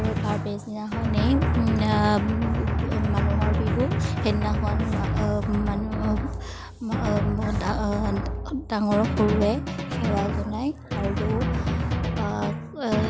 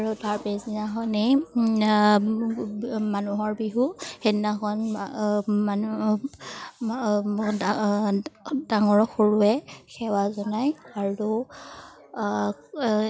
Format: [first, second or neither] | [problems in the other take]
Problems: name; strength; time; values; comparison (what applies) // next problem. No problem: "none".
second | background sound (Drum); 2 dB above the speech